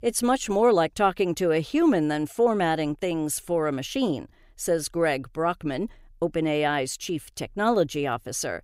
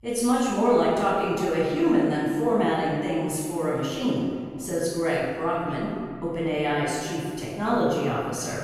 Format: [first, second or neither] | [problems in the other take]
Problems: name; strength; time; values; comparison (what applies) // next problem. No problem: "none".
first | off-mic speech; far // room echo; strong; dies away in 2 s